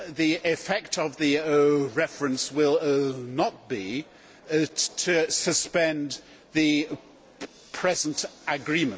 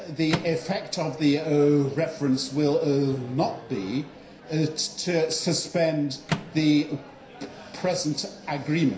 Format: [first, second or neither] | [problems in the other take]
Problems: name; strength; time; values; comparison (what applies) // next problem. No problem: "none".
first | background sound (Microwave oven); 14 dB below the speech // room echo; dies away in 0.5 s